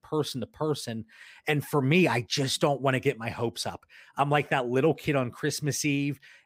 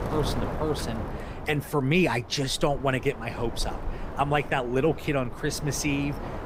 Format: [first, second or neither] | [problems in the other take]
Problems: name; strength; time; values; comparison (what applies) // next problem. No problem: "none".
first | wind noise on the microphone; occasional gusts; 10 dB below the speech